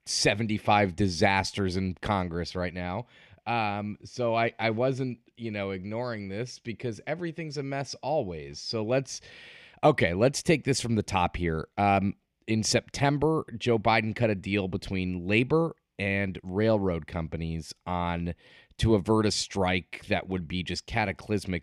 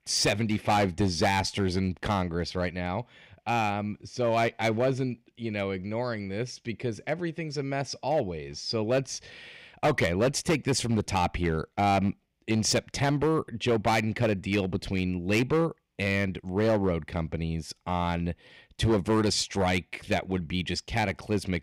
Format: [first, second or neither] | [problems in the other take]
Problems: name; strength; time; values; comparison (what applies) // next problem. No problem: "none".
first | distortion; slight; 5% of the sound clipped